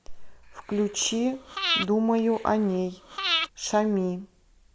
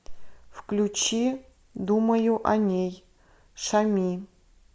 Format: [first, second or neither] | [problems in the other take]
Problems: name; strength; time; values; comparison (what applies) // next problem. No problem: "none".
second | background sound (Breathing); 5 dB below the speech